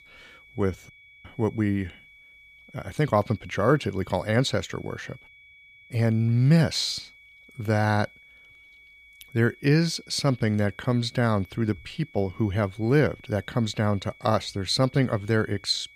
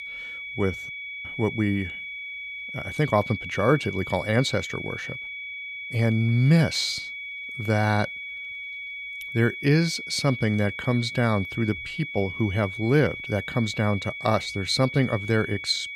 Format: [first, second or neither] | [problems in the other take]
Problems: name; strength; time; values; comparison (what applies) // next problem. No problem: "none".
first | high-pitched whine; loud; throughout; 2.5 kHz, 8 dB below the speech; faint in the first